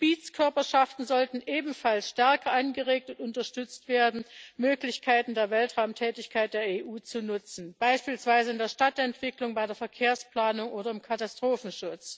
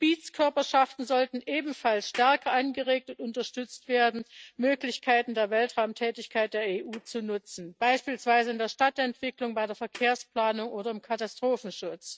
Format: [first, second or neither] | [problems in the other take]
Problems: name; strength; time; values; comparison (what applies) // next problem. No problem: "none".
first | noise reduction (neural mask model RNNoise)